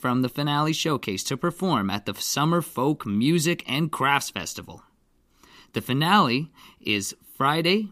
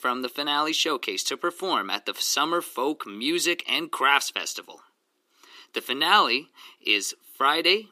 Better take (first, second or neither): first